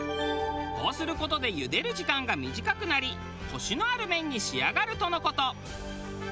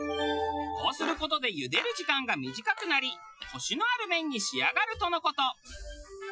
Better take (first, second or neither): first